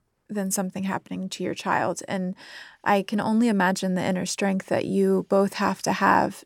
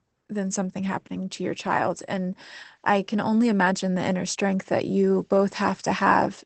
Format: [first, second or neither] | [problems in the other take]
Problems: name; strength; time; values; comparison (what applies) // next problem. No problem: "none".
first | garbled, watery; badly; nothing above 8 kHz